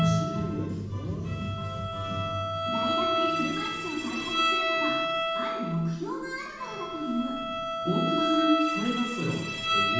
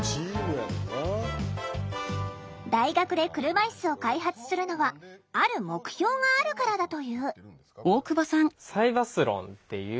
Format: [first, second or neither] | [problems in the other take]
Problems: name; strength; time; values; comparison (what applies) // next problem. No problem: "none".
second | background sound (Bowed string instrument); 1 dB above the speech // room echo; dies away in 1.2 s